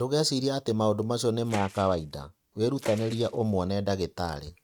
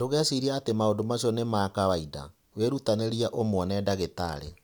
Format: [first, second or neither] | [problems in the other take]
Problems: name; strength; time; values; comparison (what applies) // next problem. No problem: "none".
second | noise reduction (neural mask model RNNoise)